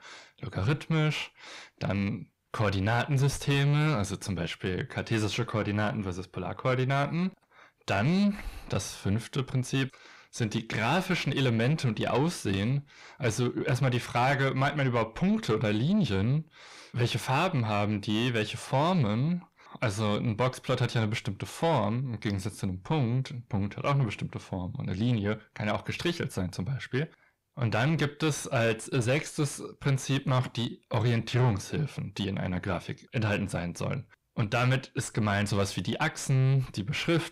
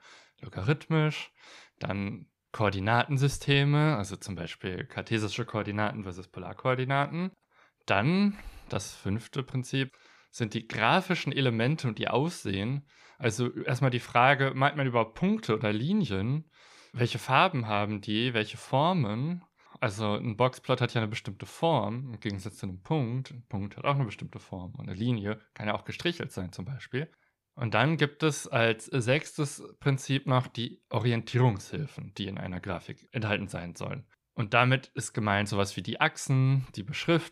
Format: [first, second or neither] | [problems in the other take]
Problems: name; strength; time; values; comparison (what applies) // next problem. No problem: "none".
second | distortion; heavy; 7 dB below the speech